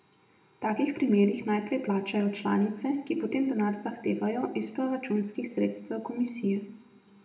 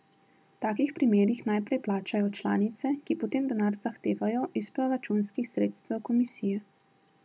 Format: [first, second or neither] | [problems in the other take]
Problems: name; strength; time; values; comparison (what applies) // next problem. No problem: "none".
second | room echo; dies away in 0.7 s